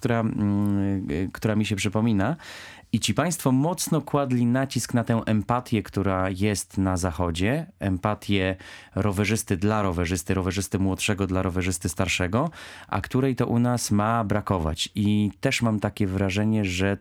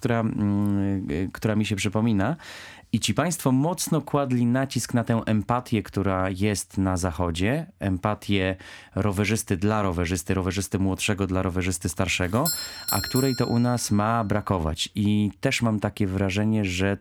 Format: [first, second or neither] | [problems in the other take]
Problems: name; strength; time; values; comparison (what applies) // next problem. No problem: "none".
first | doorbell; noticeable; from 12 to 14 s; peak 2 dB below the speech